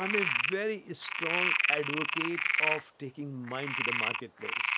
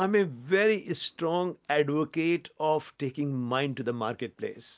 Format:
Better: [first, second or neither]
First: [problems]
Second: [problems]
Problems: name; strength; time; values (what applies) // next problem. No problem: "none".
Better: second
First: background sound (Frog); 5 dB above the speech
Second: none